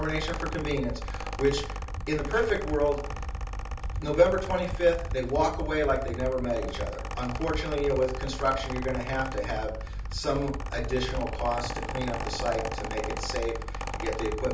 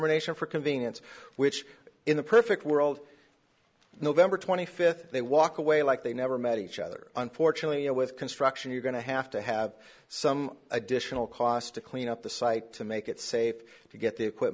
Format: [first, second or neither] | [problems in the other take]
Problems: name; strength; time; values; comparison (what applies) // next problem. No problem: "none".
second | background sound (Mechanical fan); 4 dB below the speech // room echo; dies away in 0.3 s